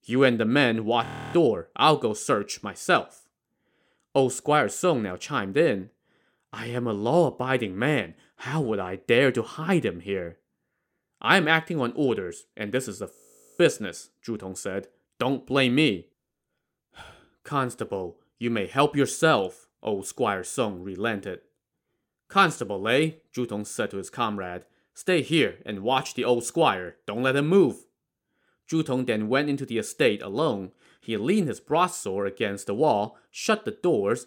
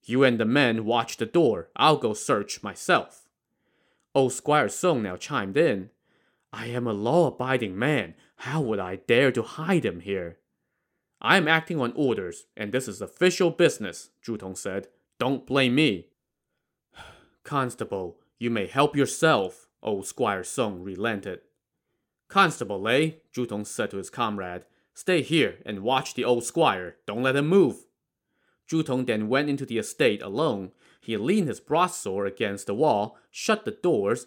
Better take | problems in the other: second | audio freezing; at 1 s and at 13 s

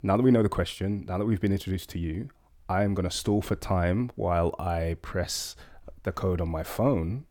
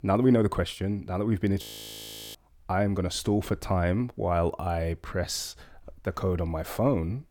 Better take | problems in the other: first | audio freezing; at 1.5 s for 0.5 s

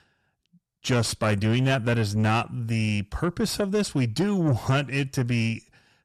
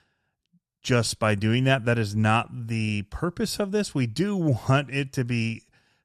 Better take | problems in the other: second | distortion; slight; 10 dB below the speech

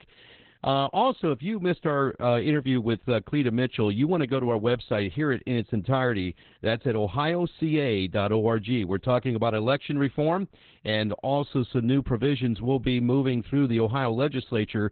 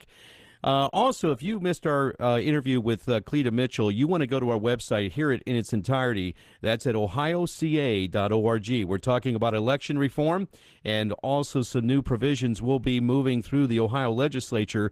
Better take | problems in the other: second | garbled, watery; badly; nothing above 4 kHz; slightly in the second

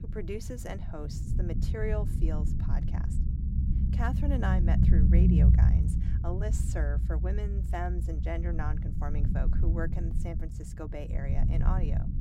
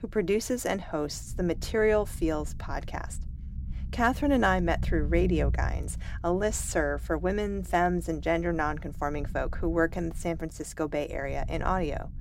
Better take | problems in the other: second | low rumble; loud; throughout; 2 dB below the speech; faint in the second

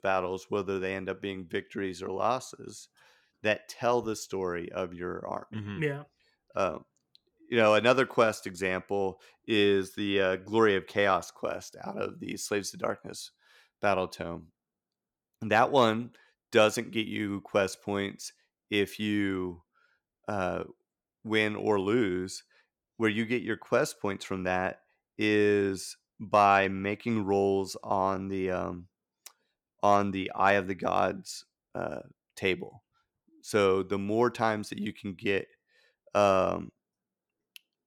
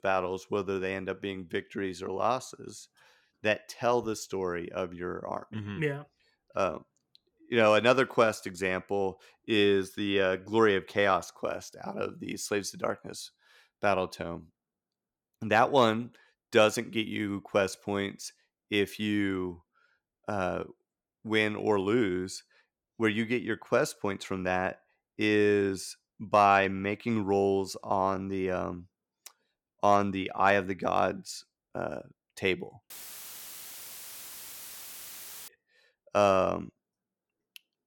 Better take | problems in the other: first | audio cutting out; filled with static; at 33 s for 2.5 s

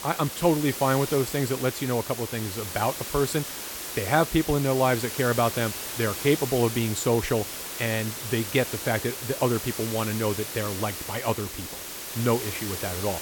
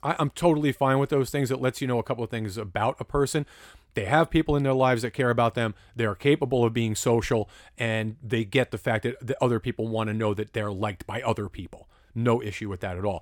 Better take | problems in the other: second | hiss; loud; throughout; 6 dB below the speech

